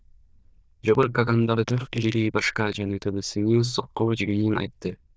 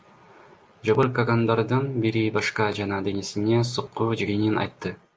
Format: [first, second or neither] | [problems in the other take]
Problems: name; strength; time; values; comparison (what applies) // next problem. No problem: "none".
second | noise reduction (neural diffusion model UNIVERSE++)